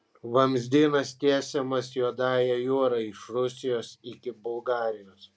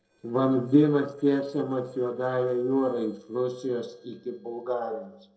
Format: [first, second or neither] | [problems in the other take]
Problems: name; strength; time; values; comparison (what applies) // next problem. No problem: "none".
first | noise reduction (neural separator model SepFormer DNS4)